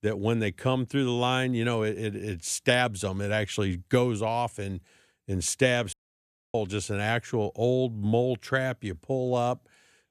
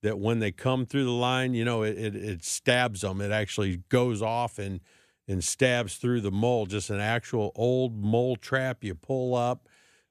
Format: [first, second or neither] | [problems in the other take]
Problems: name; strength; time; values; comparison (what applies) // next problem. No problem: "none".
second | audio cutting out; at 6 s for 0.5 s